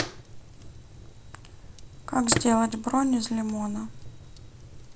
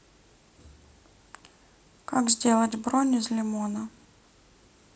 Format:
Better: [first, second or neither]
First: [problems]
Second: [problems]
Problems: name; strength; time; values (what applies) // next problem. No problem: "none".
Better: second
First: background sound (Fire); 8 dB below the speech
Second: none